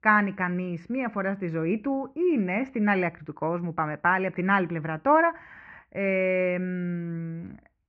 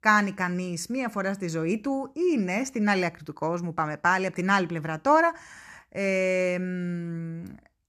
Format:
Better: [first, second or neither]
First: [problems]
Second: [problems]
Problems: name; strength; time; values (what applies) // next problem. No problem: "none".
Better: second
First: muffled; very; fading above 2.5 kHz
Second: none